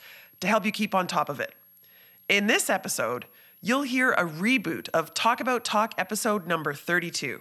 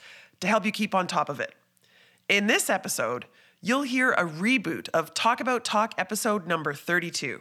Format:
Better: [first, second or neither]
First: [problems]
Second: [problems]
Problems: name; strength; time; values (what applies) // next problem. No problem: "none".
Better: second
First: high-pitched whine; faint; throughout; 11.5 kHz, 25 dB below the speech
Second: none